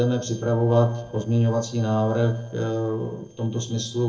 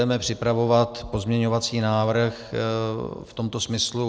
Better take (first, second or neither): second